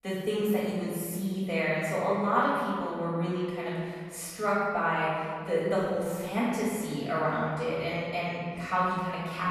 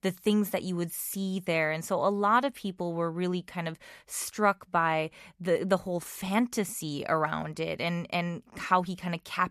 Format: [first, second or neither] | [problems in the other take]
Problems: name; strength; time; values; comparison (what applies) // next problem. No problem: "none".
second | room echo; strong; dies away in 2 s // off-mic speech; far